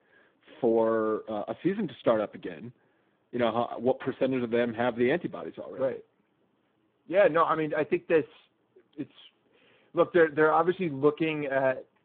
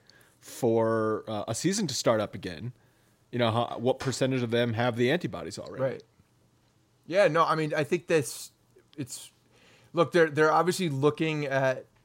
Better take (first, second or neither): second